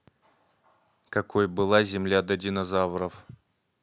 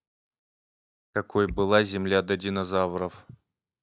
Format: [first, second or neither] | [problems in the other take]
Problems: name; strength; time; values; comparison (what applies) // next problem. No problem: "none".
first | noise reduction (neural mask model DeepFilterNet 3)